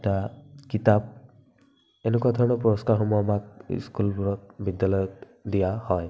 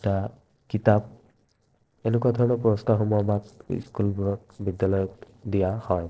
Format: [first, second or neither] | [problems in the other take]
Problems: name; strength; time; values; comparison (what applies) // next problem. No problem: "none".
first | noise reduction (neural separator model SepFormer DNS4)